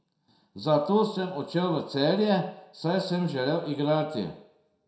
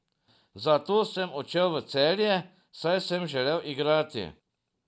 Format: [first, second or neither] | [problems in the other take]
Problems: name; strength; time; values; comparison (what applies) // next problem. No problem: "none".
second | room echo; dies away in 0.6 s